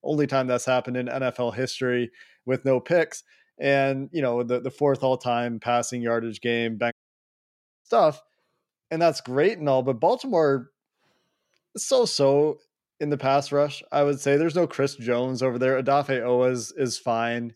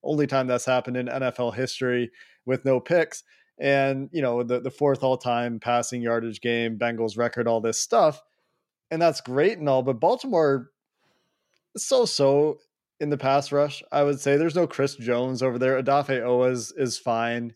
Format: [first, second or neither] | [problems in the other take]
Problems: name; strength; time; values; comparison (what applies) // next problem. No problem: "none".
second | audio cutting out; at 7 s for 1 s